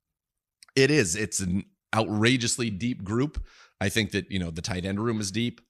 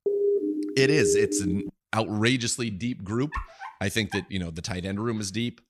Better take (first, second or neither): first